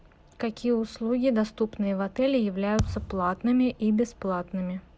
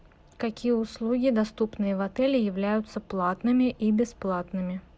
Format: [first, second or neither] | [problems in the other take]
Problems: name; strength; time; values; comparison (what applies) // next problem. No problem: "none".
second | background sound (Thump, thud); 8 dB below the speech